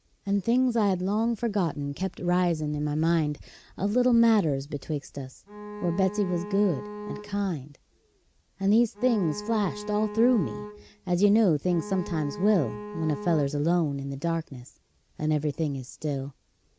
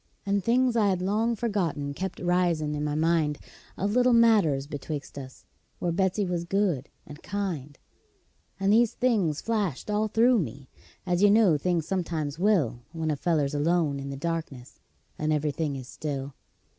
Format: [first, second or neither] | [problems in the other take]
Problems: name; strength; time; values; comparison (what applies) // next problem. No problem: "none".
second | background sound (Bowed string instrument); 11 dB below the speech